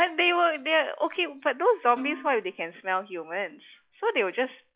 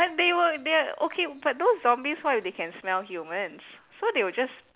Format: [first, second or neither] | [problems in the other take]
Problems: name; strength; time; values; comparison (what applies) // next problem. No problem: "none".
second | noise reduction (classical method log-MMSE)